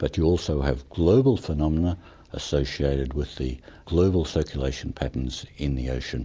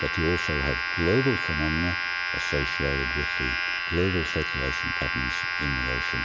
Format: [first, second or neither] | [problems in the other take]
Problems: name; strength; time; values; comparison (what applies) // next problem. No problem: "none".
first | background sound (Domestic sounds, home sounds); 1 dB above the speech